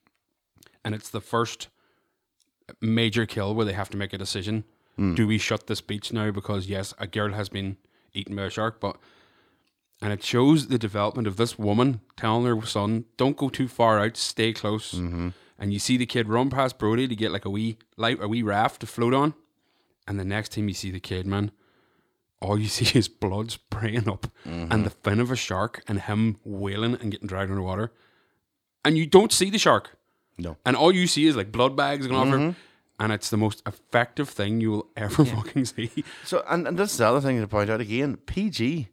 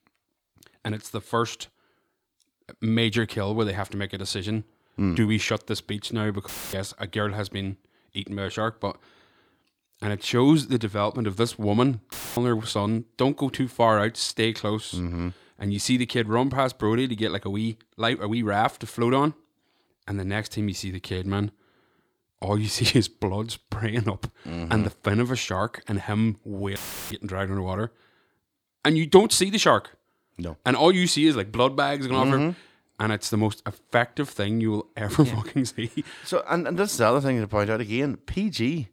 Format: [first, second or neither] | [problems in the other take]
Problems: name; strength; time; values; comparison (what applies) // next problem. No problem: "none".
first | audio cutting out; filled with static; at 6.5 s, at 12 s and at 27 s